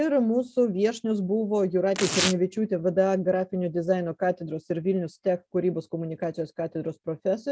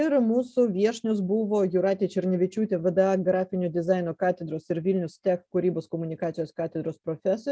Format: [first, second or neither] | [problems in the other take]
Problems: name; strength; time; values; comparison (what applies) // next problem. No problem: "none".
second | background sound (Tearing); 5 dB below the speech